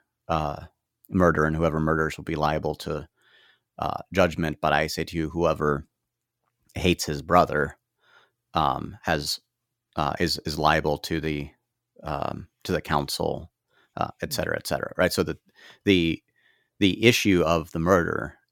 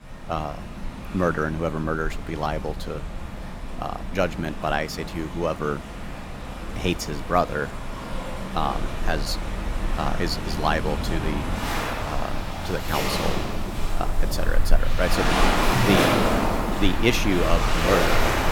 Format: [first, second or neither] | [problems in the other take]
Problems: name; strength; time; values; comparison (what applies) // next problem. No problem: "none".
first | rain or running water; very loud; throughout; as loud as the speech